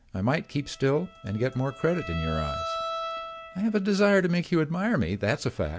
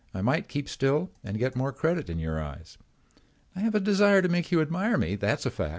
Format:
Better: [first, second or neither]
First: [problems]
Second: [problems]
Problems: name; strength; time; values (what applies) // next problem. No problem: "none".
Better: second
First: background sound (Bowed string instrument); 12 dB below the speech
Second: none